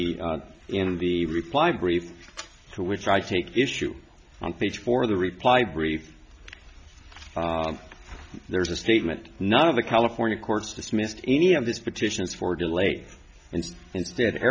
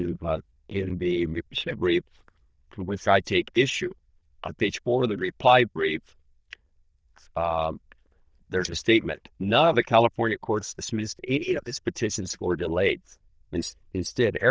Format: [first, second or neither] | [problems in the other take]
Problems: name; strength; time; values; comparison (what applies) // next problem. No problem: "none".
first | noise reduction (neural diffusion model UNIVERSE++)